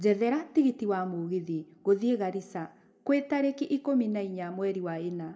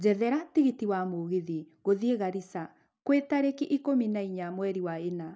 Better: second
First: room echo; dies away in 1.1 s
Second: none

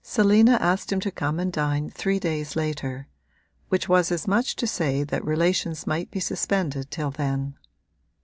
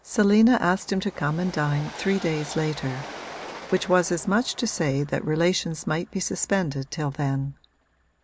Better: first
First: none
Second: background sound (Train); 18 dB below the speech

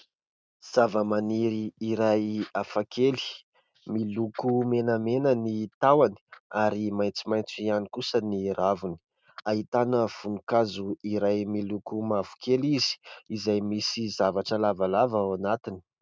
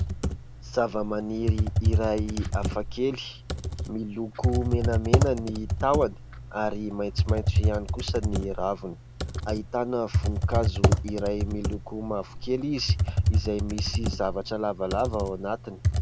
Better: first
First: none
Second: background sound (Computer keyboard); 2 dB above the speech

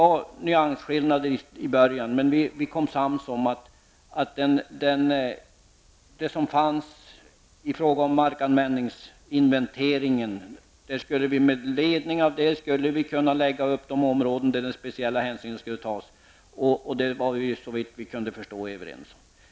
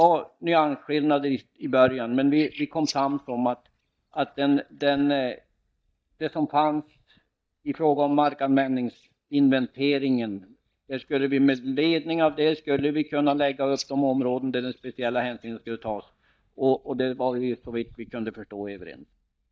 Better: first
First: none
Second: noise reduction (neural mask model DeepFilterNet 3)

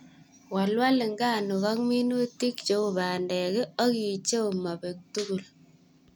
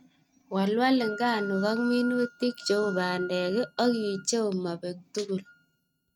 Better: first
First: none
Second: noise reduction (neural mask model RNNoise)

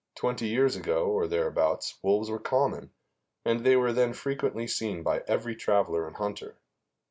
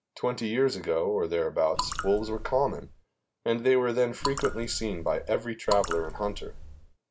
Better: first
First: none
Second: background sound (Raindrop / Drip); 7 dB below the speech

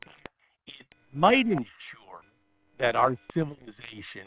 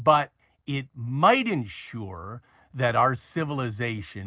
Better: second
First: noise reduction (neural separator model SepFormer WHAM!)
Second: none

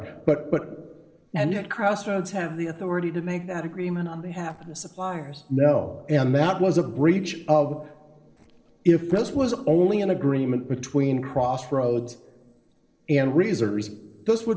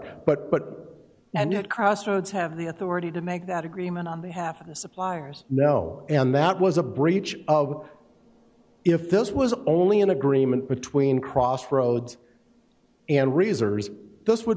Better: second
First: noise reduction (neural separator model SepFormer DNS4)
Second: none

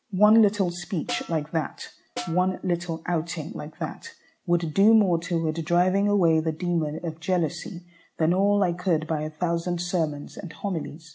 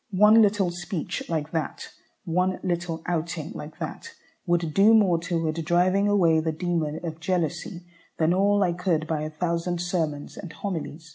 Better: second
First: background sound (Snare drum); 15 dB below the speech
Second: none

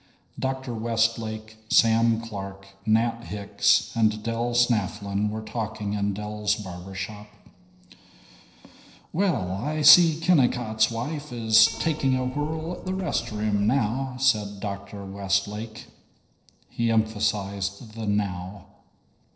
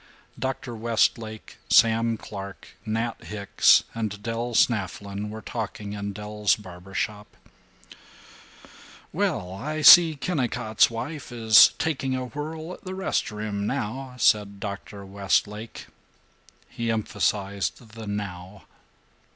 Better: second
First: noise reduction (neural separator model SepFormer DNS4)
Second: none

